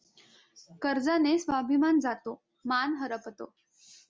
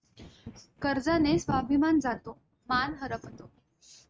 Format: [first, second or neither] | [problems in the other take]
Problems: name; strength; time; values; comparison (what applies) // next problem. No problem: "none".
first | noise reduction (neural mask model RNNoise)